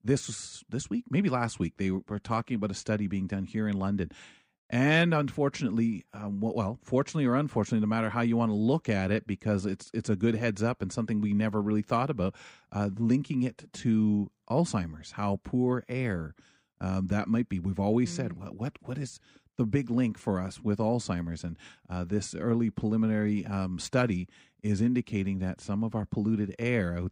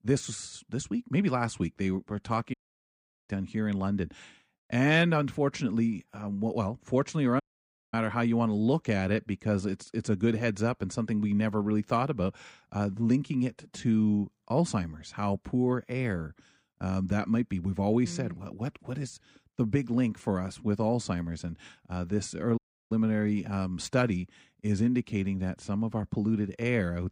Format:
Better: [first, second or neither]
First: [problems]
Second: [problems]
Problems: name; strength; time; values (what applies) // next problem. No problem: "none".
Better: first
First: none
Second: audio cutting out; at 2.5 s for 1 s, at 7.5 s for 0.5 s and at 23 s